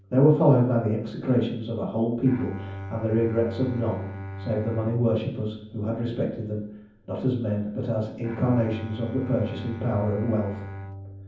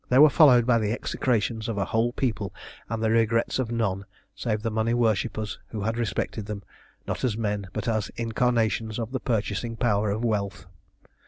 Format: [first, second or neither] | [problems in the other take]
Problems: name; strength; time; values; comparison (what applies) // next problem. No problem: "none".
second | background sound (Bowed string instrument); 13 dB below the speech // room echo; dies away in 0.7 s